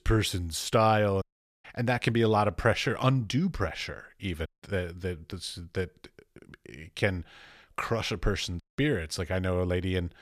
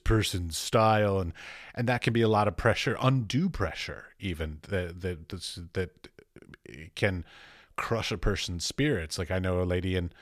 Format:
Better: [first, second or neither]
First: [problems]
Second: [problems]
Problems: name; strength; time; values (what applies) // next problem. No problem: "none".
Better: second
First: audio cutting out; at 1 s, at 4.5 s and at 8.5 s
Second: none